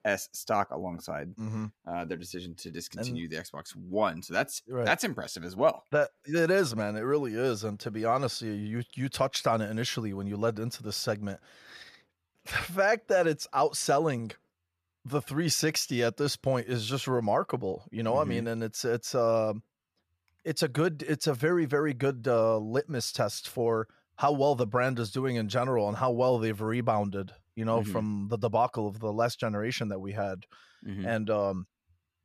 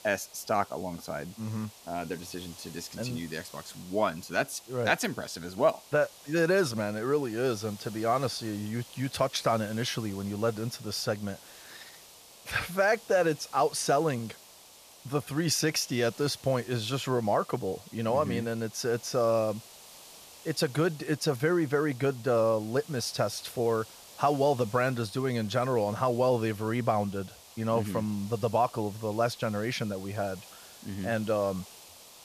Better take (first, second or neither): first